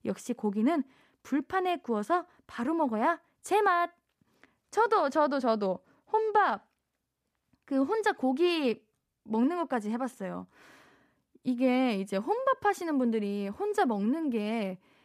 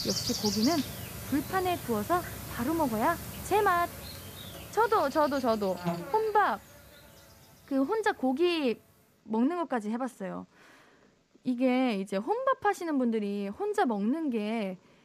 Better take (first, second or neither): first